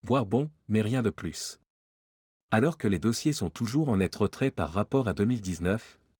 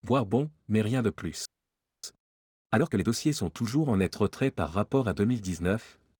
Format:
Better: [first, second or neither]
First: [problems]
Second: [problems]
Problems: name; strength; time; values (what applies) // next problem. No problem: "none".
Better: first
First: none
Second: audio freezing; at 1.5 s for 0.5 s